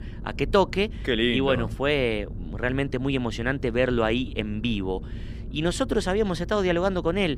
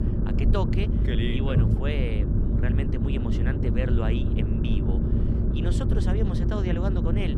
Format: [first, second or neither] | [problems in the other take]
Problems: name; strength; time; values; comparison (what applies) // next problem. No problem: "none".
first | low rumble; loud; throughout; as loud as the speech; faint in the first